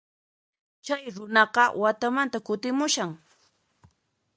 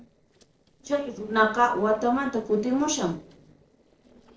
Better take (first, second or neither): first